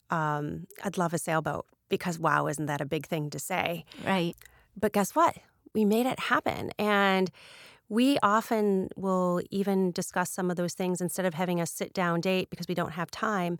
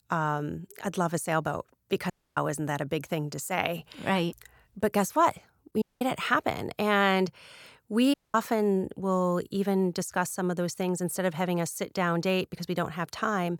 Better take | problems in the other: first | audio cutting out; at 2 s, at 6 s and at 8 s

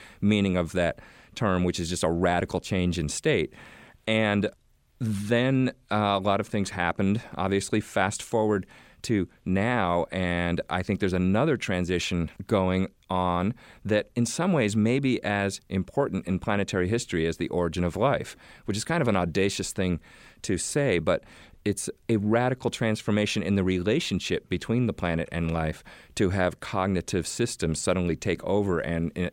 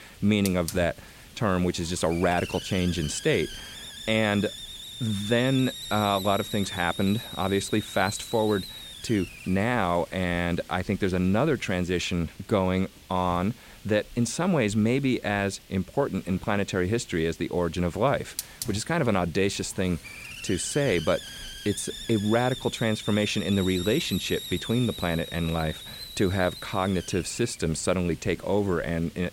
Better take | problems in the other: first | hiss; noticeable; throughout; 10 dB below the speech

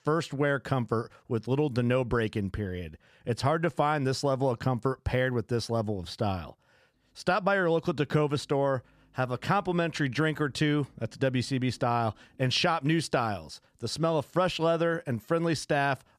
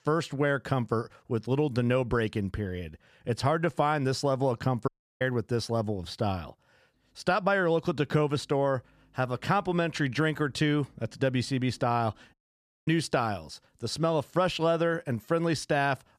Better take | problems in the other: first | audio cutting out; at 5 s and at 12 s for 0.5 s

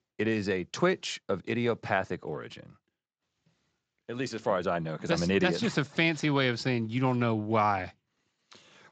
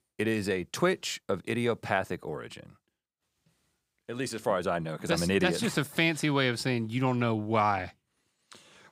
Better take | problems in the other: second | garbled, watery; slightly; nothing above 7.5 kHz

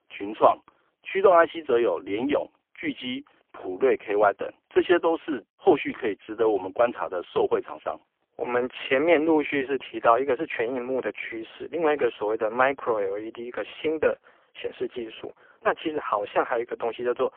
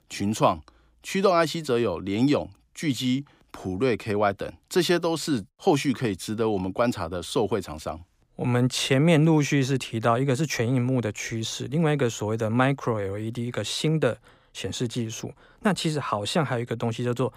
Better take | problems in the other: second | phone-call audio; poor line; nothing above 3.5 kHz

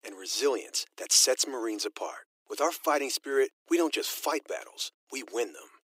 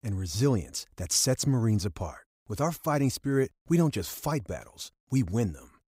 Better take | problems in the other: second | thin; very; fading below 300 Hz

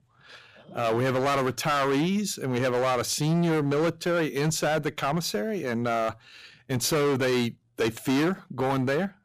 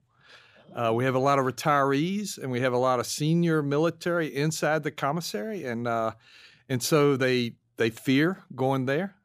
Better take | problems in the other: second | distortion; heavy; 16% of the sound clipped

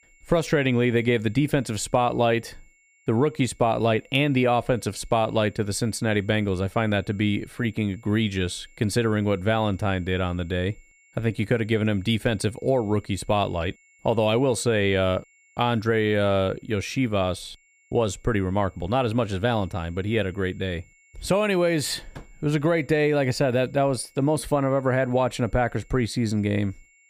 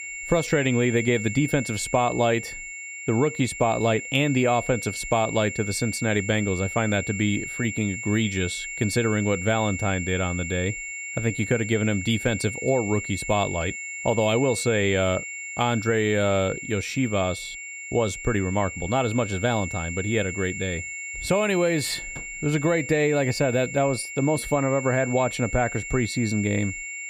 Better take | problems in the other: first | high-pitched whine; loud; throughout; 2 kHz, 8 dB below the speech; faint in the first

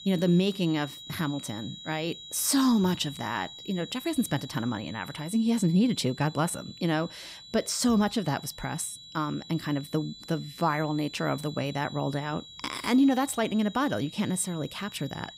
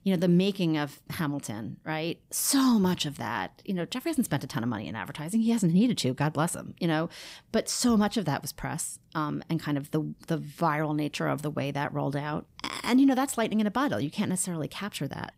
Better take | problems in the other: second | high-pitched whine; noticeable; throughout; 4 kHz, 15 dB below the speech

